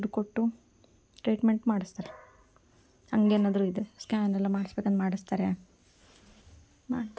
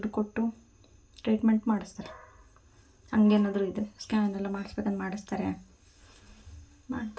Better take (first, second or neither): first